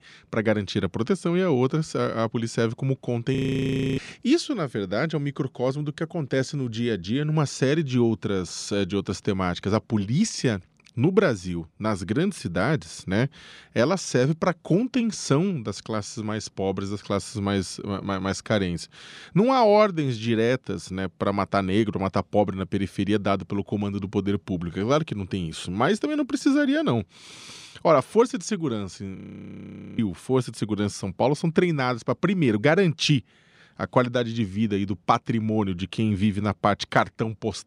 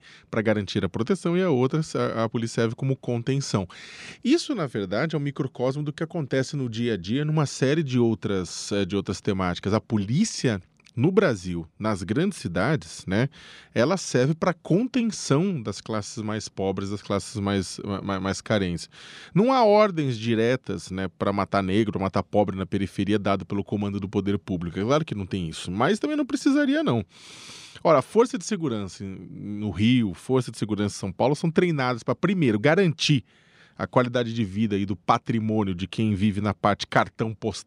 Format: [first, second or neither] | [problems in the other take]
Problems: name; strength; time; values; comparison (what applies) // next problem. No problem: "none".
second | audio freezing; at 3.5 s for 0.5 s and at 29 s for 1 s